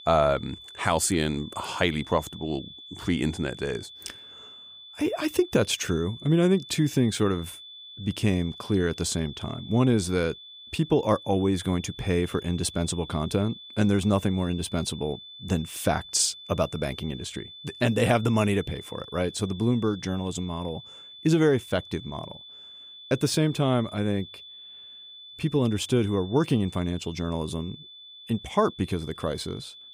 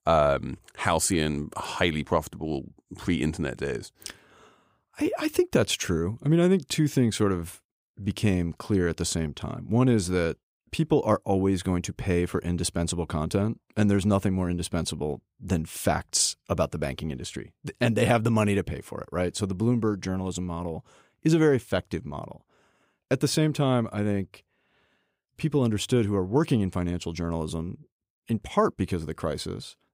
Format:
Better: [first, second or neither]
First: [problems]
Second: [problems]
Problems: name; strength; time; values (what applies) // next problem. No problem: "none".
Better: second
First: high-pitched whine; noticeable; throughout; 3.5 kHz, 15 dB below the speech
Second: none